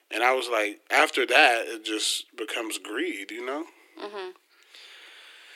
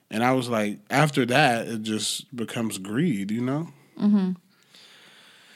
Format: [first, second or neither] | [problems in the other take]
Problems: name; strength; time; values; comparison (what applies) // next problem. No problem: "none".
second | thin; very; fading below 300 Hz